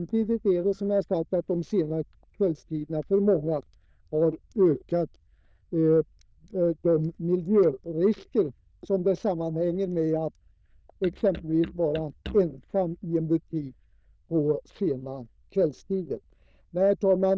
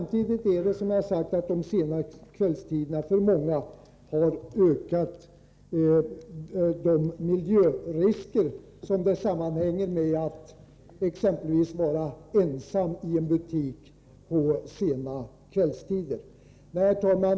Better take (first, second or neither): second